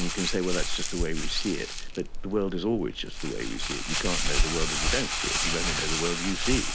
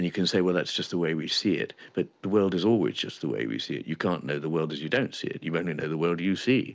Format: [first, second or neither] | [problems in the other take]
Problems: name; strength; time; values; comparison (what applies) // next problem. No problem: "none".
second | background sound (Crumpling, crinkling); 3 dB above the speech